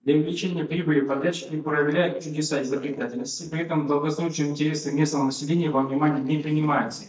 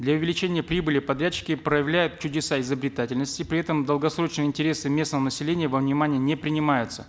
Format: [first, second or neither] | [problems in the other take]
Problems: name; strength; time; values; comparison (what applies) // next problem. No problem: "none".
second | noise reduction (neural mask model DeepFilterNet 3)